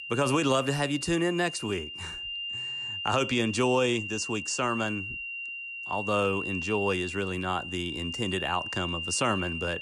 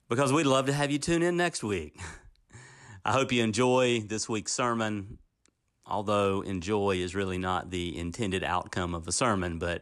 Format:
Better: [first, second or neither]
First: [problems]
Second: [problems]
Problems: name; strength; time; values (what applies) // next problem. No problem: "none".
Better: second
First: high-pitched whine; loud; throughout; 3 kHz, 5 dB below the speech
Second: none